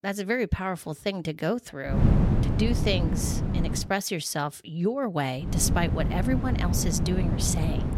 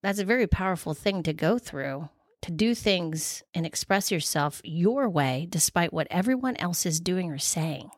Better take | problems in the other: second | wind noise on the microphone; heavy; from 2 to 4 s and from 5.5 s on; 5 dB below the speech

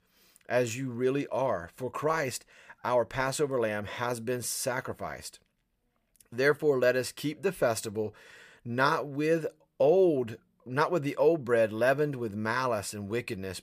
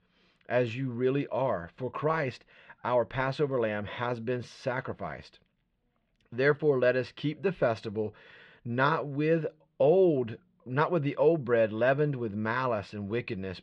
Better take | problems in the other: first | muffled; slightly; fading above 3.5 kHz

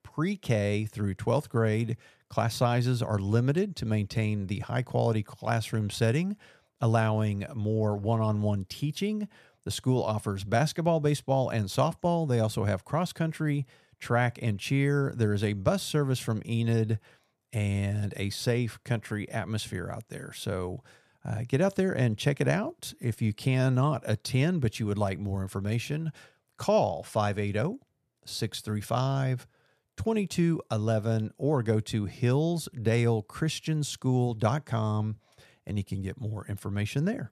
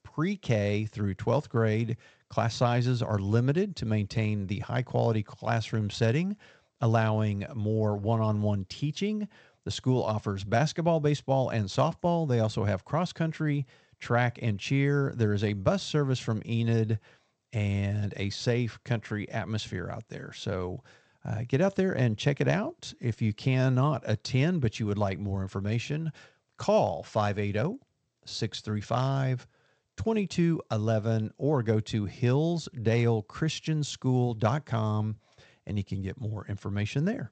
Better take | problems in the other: first | garbled, watery; slightly; nothing above 8 kHz

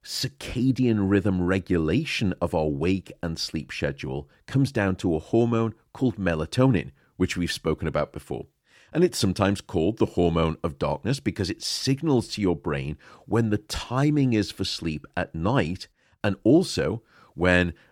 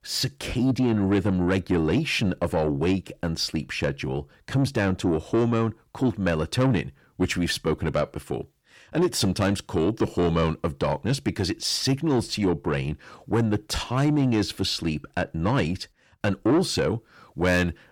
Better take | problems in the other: first | distortion; slight; 10 dB below the speech

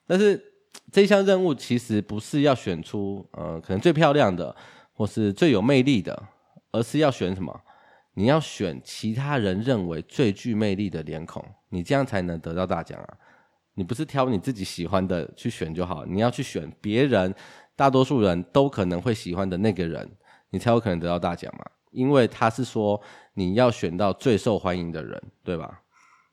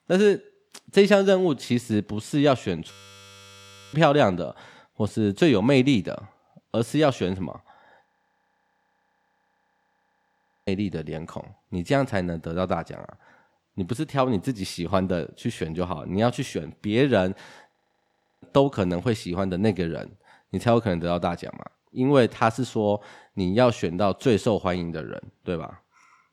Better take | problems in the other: first | audio freezing; at 3 s for 1 s, at 8 s for 2.5 s and at 18 s for 0.5 s

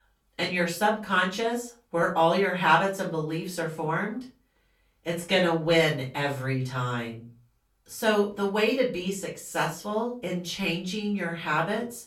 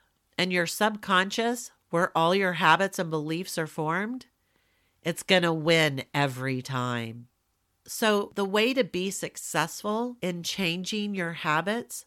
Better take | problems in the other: second | room echo; slight; dies away in 0.3 s // off-mic speech; far

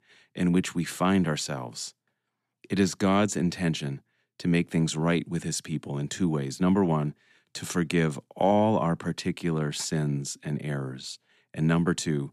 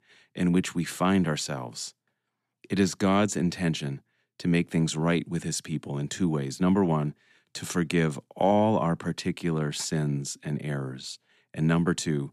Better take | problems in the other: neither | none

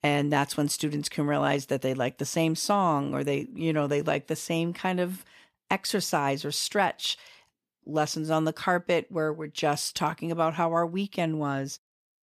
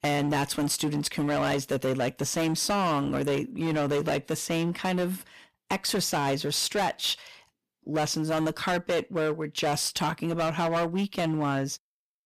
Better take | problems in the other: first | distortion; heavy; 17% of the sound clipped

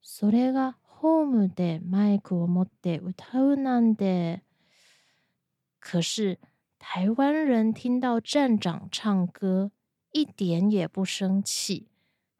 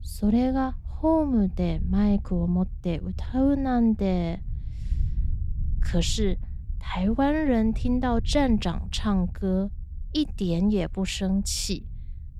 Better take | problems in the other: first | low rumble; faint; throughout; 25 dB below the speech

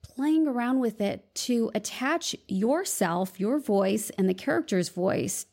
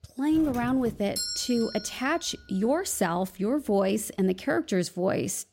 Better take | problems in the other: first | doorbell; noticeable; until 2.5 s; peak 3 dB below the speech

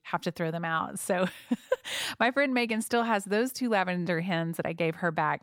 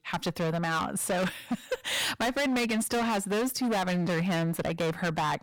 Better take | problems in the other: first | distortion; heavy; 27% of the sound clipped

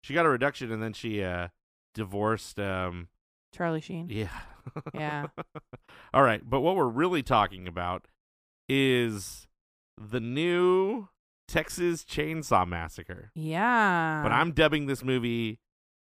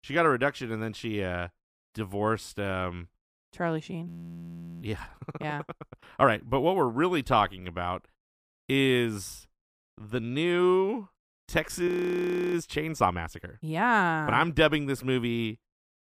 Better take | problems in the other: first | audio freezing; at 4 s for 0.5 s and at 12 s for 0.5 s

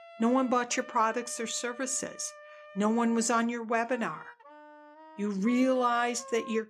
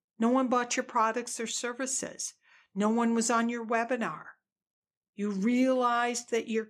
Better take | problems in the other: second | background music; noticeable; throughout; 20 dB below the speech

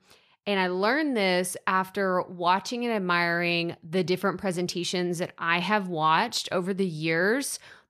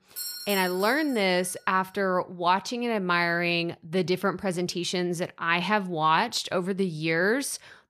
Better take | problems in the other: first | doorbell; noticeable; until 1.5 s; peak 6 dB below the speech

